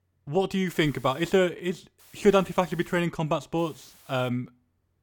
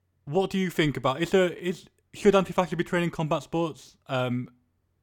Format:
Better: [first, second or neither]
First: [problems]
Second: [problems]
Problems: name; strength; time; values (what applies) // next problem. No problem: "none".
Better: second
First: hiss; faint; at 0.5 s, from 2 to 3 s and at 3.5 s; 25 dB below the speech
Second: none